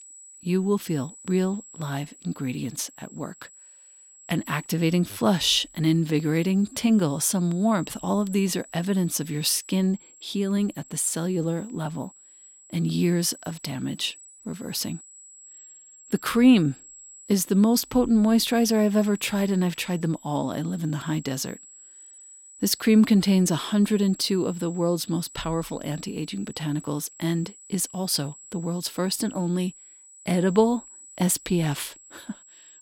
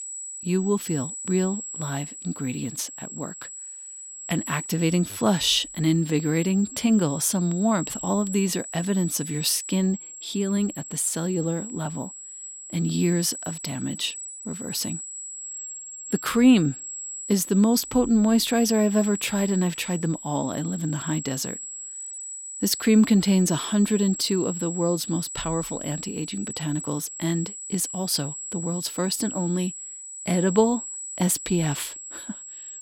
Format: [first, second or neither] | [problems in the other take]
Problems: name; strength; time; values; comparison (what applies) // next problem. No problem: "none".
first | high-pitched whine; loud; throughout; 8 kHz, 9 dB below the speech; faint in the first